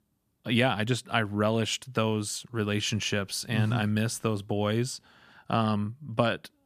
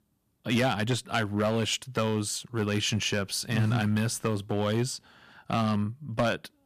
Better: first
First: none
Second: distortion; slight; 4% of the sound clipped

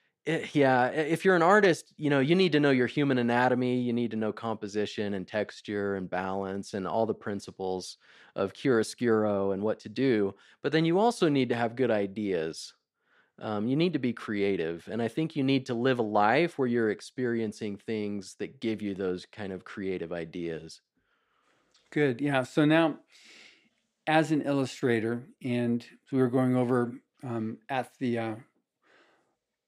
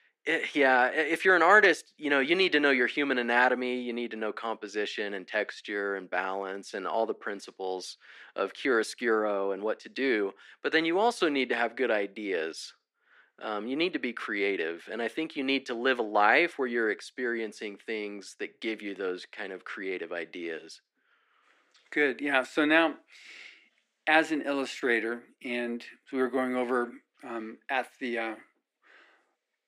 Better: first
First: none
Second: thin; somewhat; fading below 250 Hz

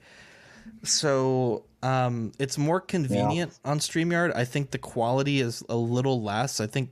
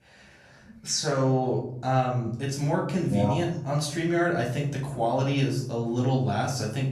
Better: first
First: none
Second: off-mic speech; far // room echo; noticeable; dies away in 0.7 s

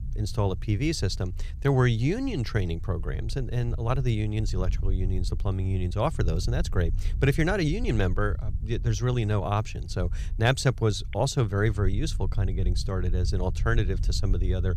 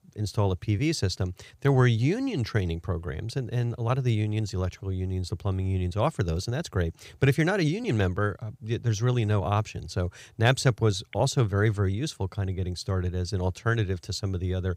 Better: second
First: low rumble; faint; throughout; 20 dB below the speech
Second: none

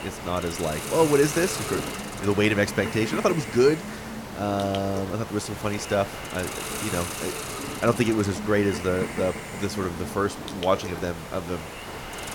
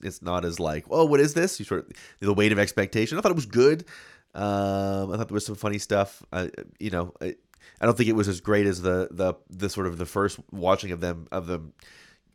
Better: second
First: hiss; loud; throughout; 7 dB below the speech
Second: none

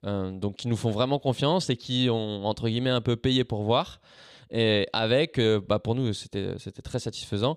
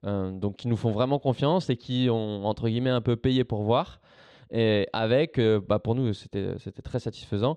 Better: first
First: none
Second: muffled; slightly; fading above 2 kHz

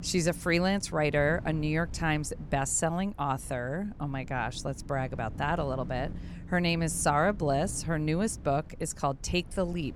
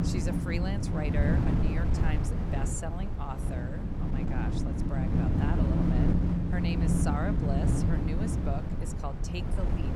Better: first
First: wind noise on the microphone; occasional gusts; 20 dB below the speech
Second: wind noise on the microphone; heavy; 2 dB above the speech

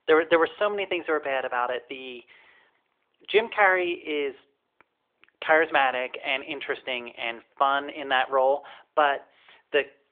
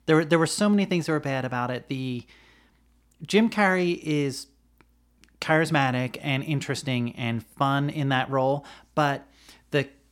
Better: second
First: phone-call audio; nothing above 3.5 kHz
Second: none

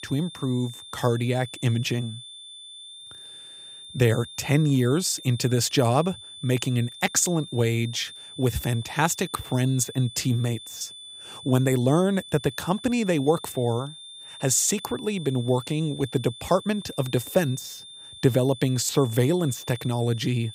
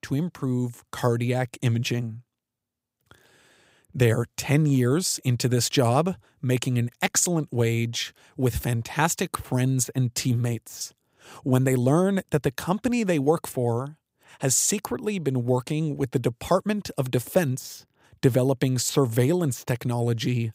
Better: second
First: high-pitched whine; noticeable; throughout; 3.5 kHz, 15 dB below the speech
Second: none

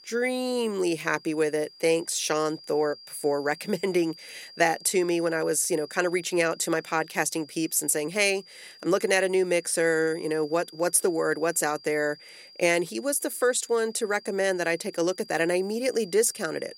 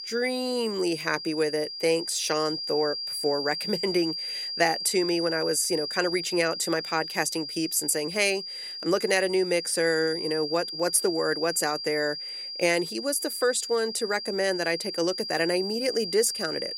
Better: first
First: high-pitched whine; faint; throughout; 5 kHz, 20 dB below the speech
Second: high-pitched whine; loud; throughout; 5 kHz, 6 dB below the speech

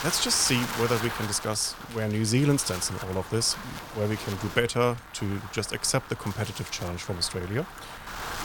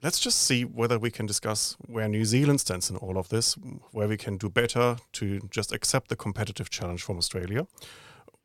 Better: second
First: wind noise on the microphone; heavy; 7 dB below the speech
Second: none

